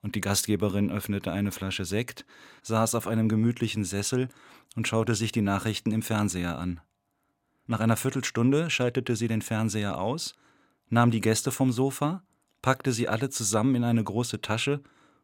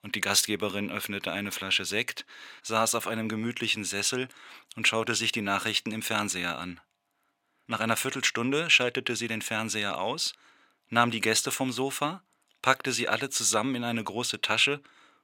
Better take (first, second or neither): first